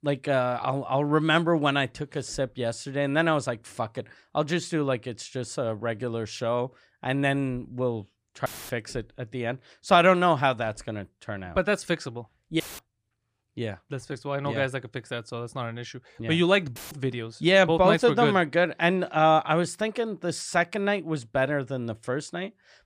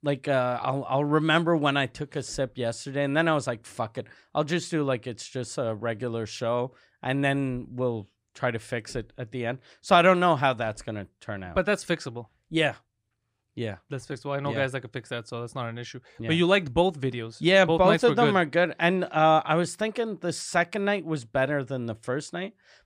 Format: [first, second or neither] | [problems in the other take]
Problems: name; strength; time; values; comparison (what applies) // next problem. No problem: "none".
second | audio cutting out; filled with static; at 8.5 s, at 13 s and at 17 s